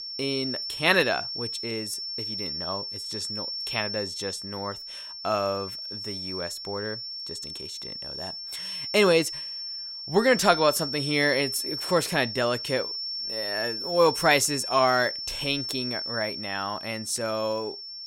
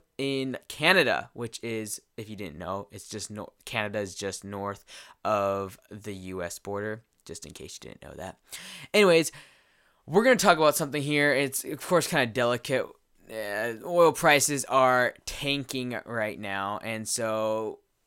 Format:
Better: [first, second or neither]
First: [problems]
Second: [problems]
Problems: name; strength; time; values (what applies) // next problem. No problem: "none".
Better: second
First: high-pitched whine; loud; throughout; 5.5 kHz, 5 dB below the speech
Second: none